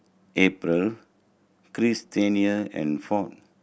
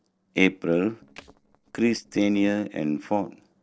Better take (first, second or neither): first